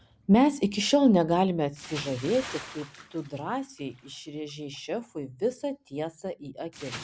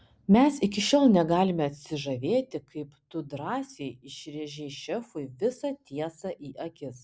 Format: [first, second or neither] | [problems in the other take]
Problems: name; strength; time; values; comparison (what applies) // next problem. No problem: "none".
second | background sound (Bathtub (filling or washing) / Splash, splatter); 19 dB below the speech